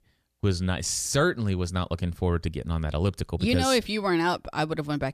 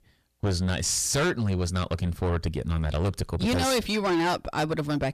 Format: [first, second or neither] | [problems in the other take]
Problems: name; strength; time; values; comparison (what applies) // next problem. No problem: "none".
first | distortion; heavy; 8 dB below the speech